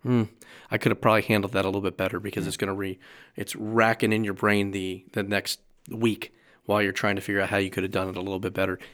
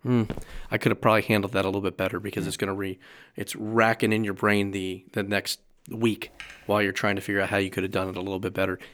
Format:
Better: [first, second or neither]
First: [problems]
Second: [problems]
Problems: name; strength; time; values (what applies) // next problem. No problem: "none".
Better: first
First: none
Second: footsteps; faint; at 0.5 s; peak 10 dB below the speech // keyboard typing; faint; at 6.5 s; peak 15 dB below the speech